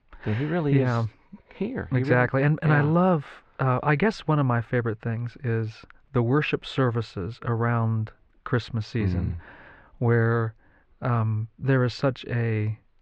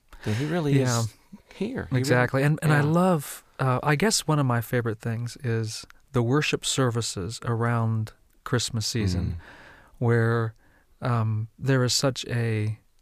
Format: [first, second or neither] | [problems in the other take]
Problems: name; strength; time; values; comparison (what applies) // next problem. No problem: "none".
second | muffled; very; fading above 2.5 kHz